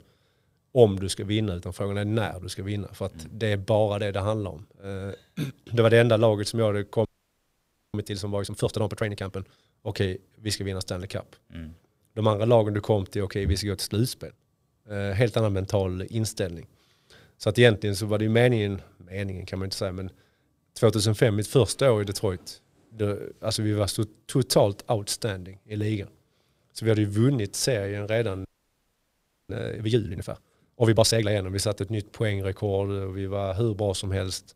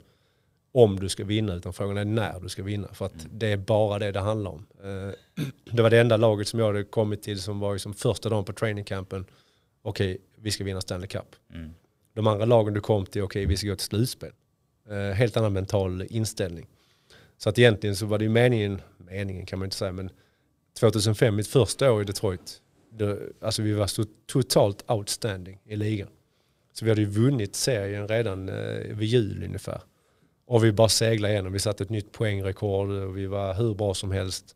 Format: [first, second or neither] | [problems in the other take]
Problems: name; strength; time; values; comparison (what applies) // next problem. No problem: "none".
second | audio freezing; at 7 s for 1 s and at 28 s for 1 s